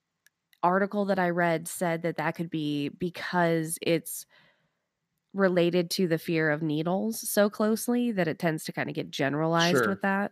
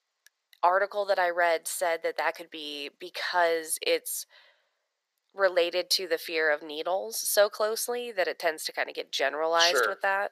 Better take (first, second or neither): first